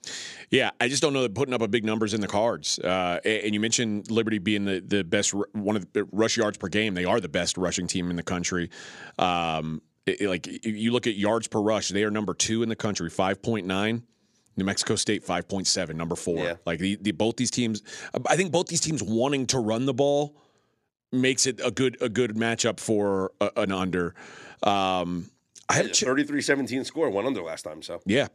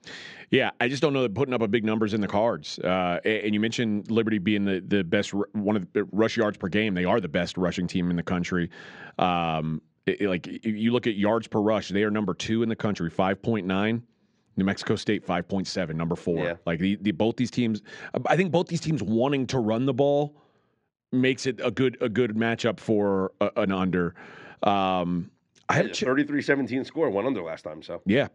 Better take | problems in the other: first | muffled; slightly; fading above 3 kHz

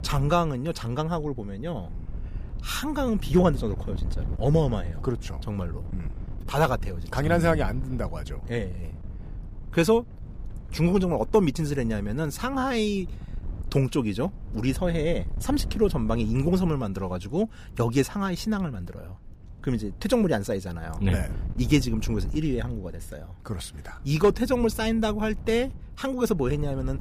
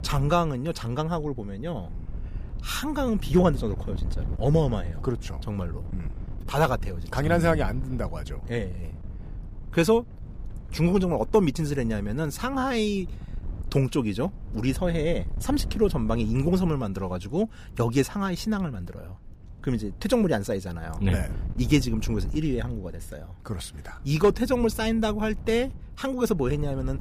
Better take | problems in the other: neither | wind noise on the microphone; occasional gusts; 20 dB below the speech; the same in both

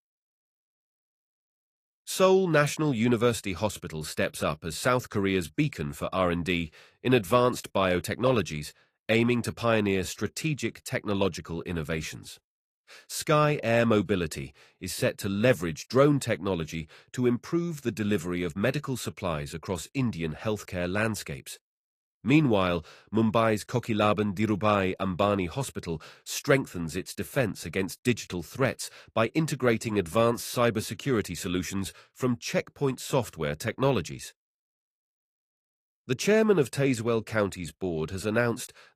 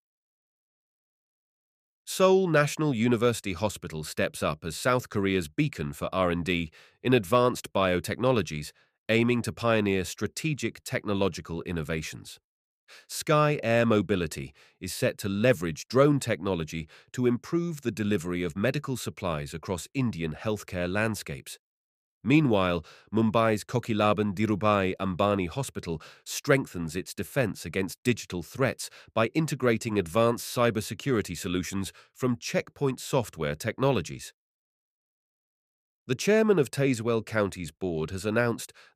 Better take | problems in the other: second | garbled, watery; slightly; nothing above 14.5 kHz

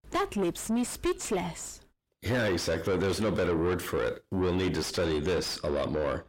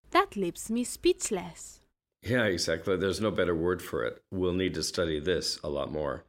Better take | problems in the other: second | distortion; heavy; 5 dB below the speech

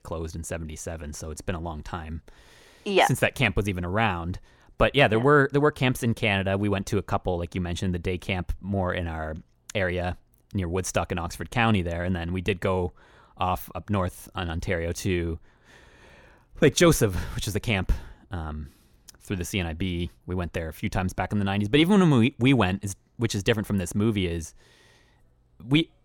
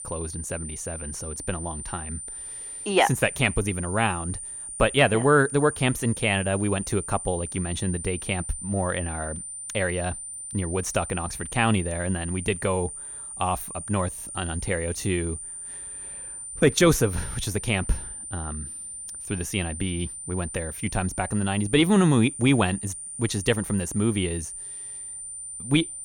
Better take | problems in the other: first | high-pitched whine; loud; throughout; 9 kHz, 8 dB below the speech

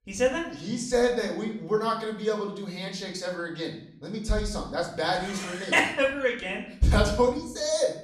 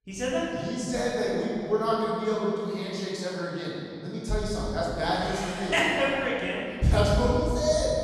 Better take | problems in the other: first | room echo; strong; dies away in 2.3 s; slight in the first // off-mic speech; far; far in the first

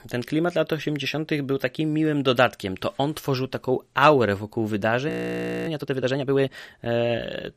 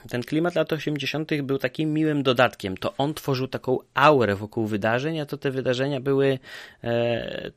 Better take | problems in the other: second | audio freezing; at 5 s for 0.5 s

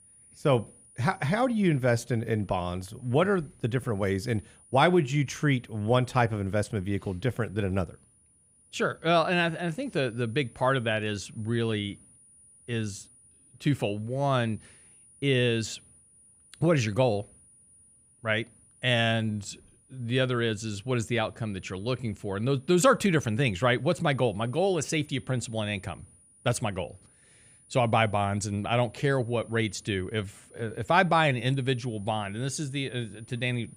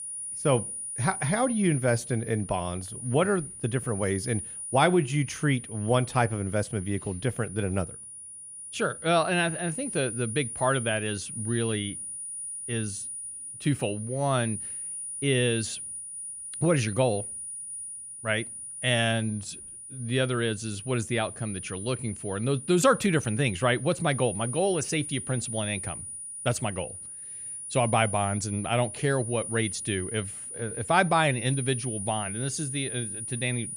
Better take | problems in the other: first | high-pitched whine; loud; throughout; 9.5 kHz, 8 dB below the speech; faint in the first

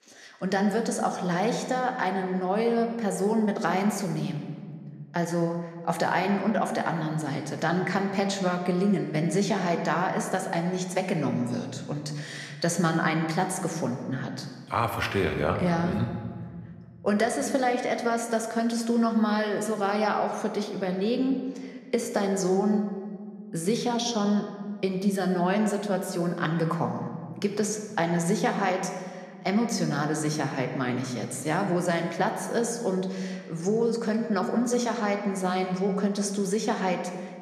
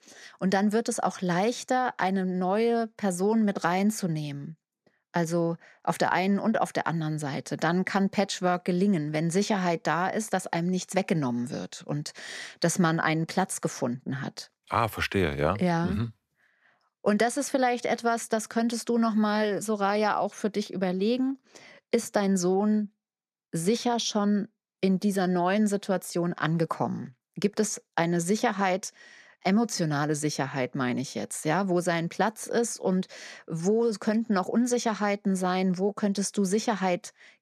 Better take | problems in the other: second | room echo; slight; dies away in 1.3 s

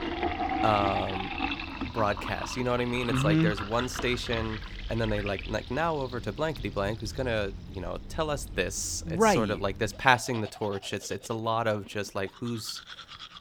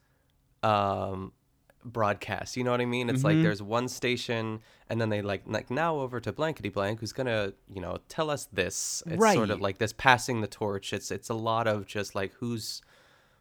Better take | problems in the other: second | household noises; loud; throughout; 8 dB below the speech

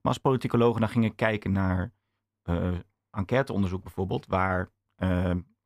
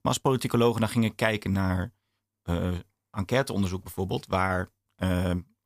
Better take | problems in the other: second | muffled; slightly; fading above 3.5 kHz

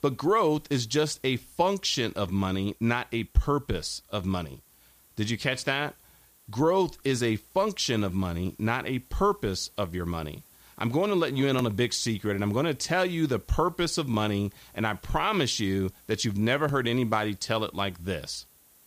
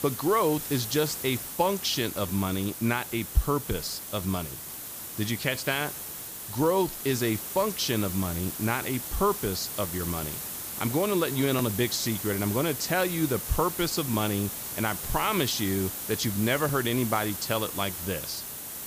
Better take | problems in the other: first | hiss; loud; throughout; 6 dB below the speech; faint in the first

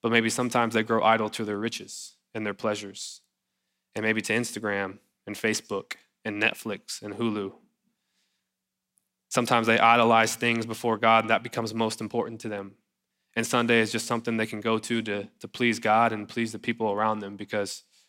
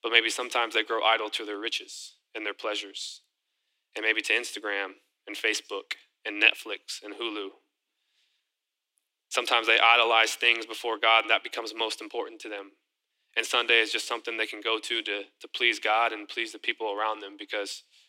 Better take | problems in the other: first | thin; very; fading below 300 Hz

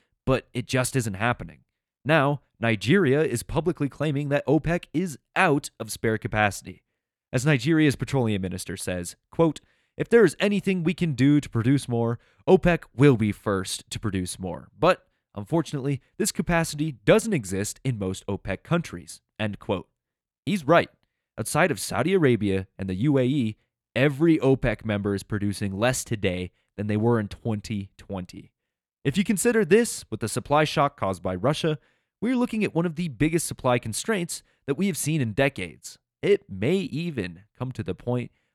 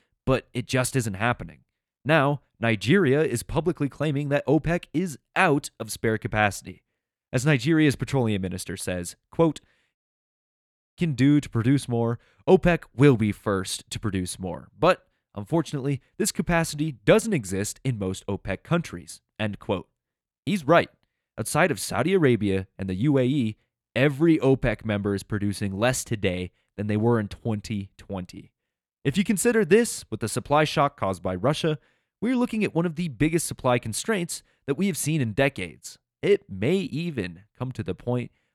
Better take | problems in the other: first | audio cutting out; at 10 s for 1 s

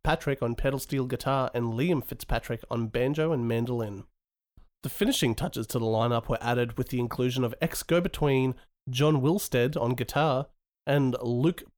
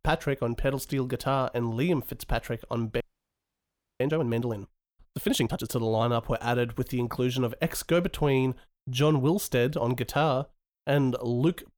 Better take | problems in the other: first | audio freezing; at 3 s for 1 s

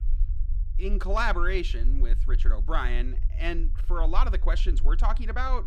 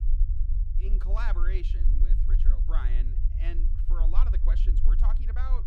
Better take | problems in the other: first | low rumble; loud; throughout; 8 dB below the speech; faint in the first

